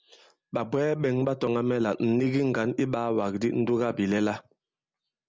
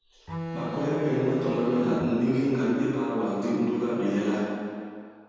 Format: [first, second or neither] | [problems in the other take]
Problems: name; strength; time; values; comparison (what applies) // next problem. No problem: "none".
first | background sound (Bowed string instrument); 9 dB below the speech // room echo; dies away in 2.1 s